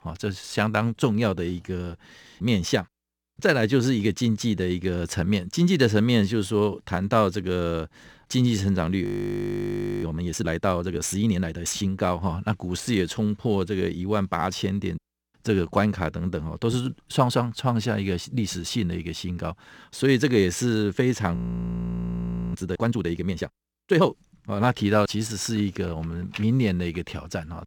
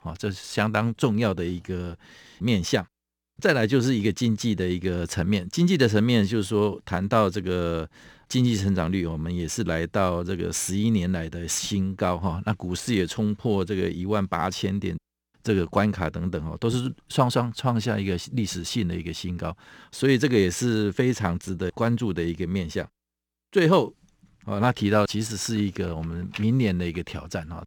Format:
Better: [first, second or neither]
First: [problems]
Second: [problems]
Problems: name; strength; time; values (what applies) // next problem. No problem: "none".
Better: second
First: audio freezing; at 9 s for 1 s and at 21 s for 1 s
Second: none